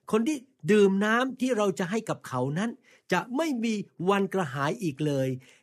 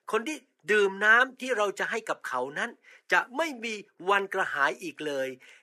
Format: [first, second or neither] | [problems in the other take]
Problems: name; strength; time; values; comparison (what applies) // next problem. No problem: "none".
first | thin; very; fading below 500 Hz